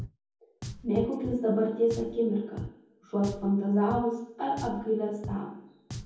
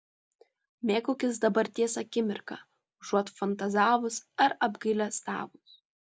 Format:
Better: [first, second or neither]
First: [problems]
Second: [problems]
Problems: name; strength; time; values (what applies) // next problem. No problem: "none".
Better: second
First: background sound (Drum); 13 dB below the speech // room echo; dies away in 0.9 s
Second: none